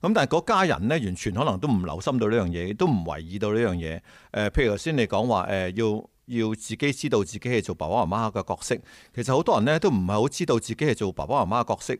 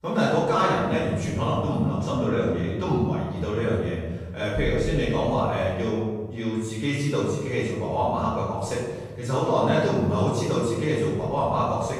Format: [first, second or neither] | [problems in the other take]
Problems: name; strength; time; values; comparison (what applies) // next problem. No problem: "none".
first | off-mic speech; far // room echo; strong; dies away in 1.6 s